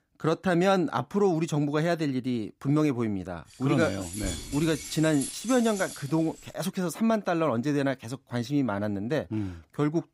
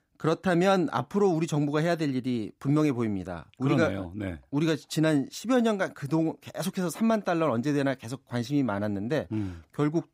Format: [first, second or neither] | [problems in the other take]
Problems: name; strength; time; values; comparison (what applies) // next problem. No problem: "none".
second | jangling keys; noticeable; from 4 to 6.5 s; peak 7 dB below the speech